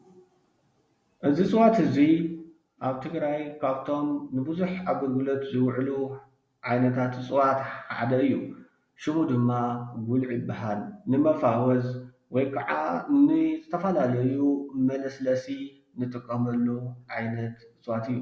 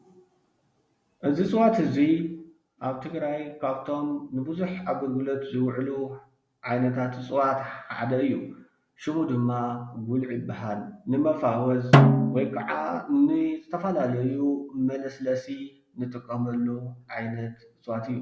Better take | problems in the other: first | background sound (Snare drum); 4 dB above the speech

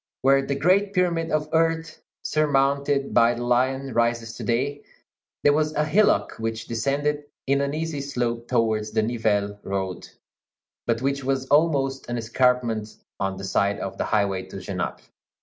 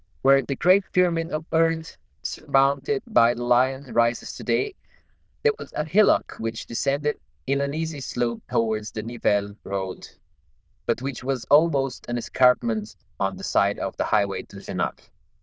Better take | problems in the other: first | noise reduction (neural diffusion model UNIVERSE++)

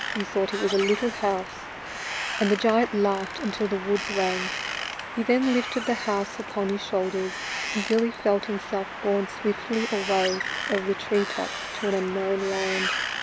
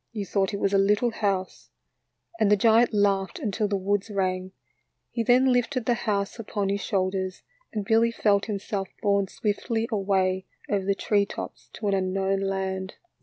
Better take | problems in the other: second | background sound (Wind); 6 dB below the speech

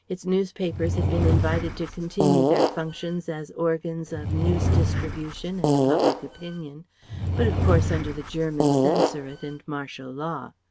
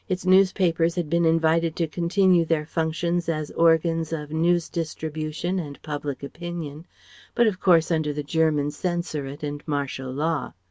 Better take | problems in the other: second | background sound (Fart / Drawer open or close); 5 dB above the speech

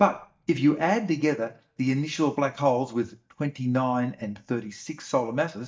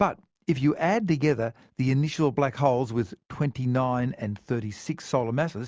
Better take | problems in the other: second | noise reduction (neural mask model DeepFilterNet 3)

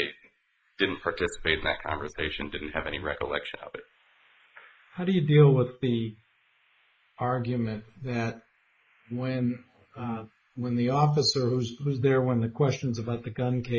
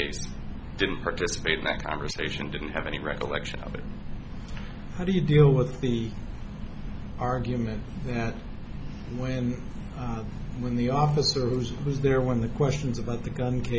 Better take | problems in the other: second | noise reduction (neural mask model Resemble Enhance denoiser)

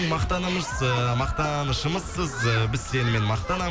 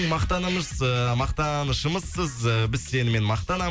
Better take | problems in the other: second | background sound (Human group actions); 9 dB below the speech

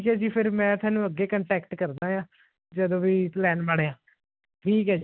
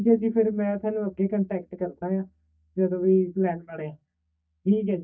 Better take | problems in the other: first | noise reduction (neural mask model DeepFilterNet 3)

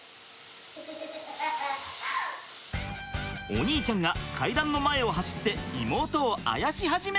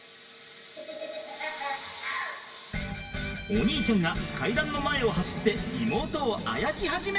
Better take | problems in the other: first | room echo; dies away in 2 s

